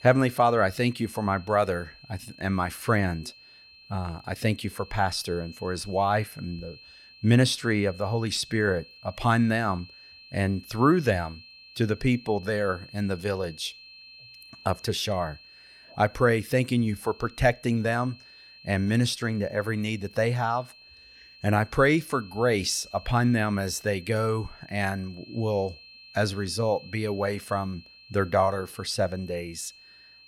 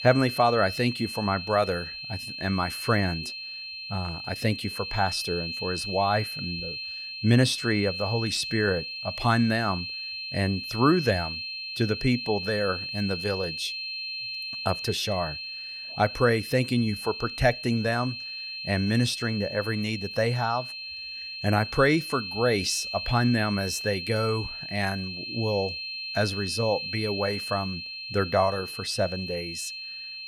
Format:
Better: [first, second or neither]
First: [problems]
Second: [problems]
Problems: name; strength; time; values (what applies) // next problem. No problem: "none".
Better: first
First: high-pitched whine; faint; throughout; 4 kHz, 20 dB below the speech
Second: high-pitched whine; loud; throughout; 4 kHz, 6 dB below the speech